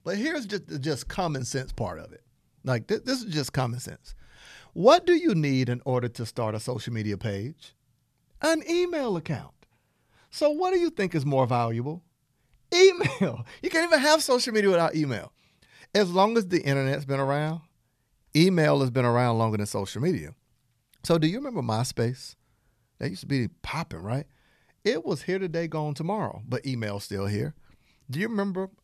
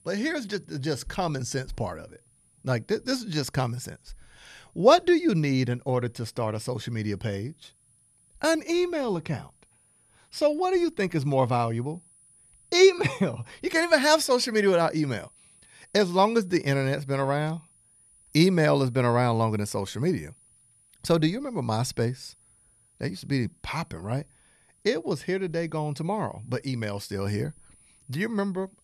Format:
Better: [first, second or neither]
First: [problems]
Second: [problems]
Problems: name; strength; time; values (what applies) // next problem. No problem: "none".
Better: first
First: none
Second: high-pitched whine; faint; throughout; 9.5 kHz, 30 dB below the speech